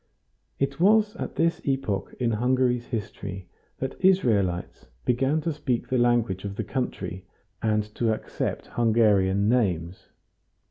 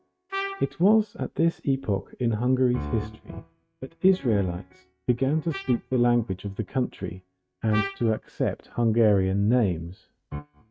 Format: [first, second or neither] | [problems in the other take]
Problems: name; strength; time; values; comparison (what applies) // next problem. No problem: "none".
first | noise reduction (neural mask model RNNoise)